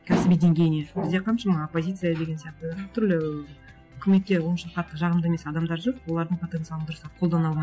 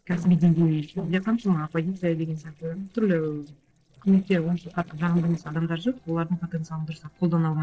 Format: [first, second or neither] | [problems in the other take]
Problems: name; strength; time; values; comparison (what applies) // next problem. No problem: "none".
first | noise reduction (neural separator model SepFormer DNS4)